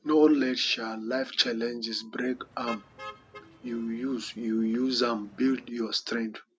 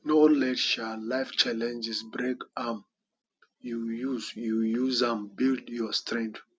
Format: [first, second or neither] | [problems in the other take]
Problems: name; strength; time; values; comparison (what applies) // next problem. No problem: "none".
second | background sound (Motor vehicle (road)); 19 dB below the speech